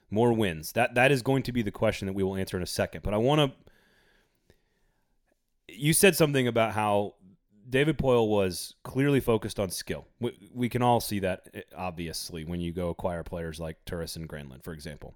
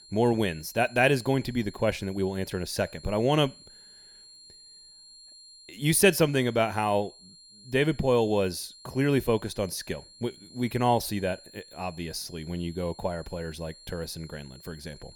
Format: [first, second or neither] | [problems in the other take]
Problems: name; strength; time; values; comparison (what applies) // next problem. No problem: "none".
first | high-pitched whine; faint; throughout; 4 kHz, 20 dB below the speech